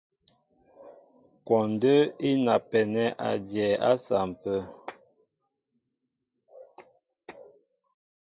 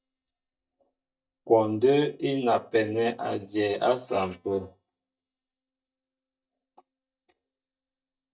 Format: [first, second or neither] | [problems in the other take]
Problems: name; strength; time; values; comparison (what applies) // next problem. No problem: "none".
first | noise reduction (neural mask model DeepFilterNet 3)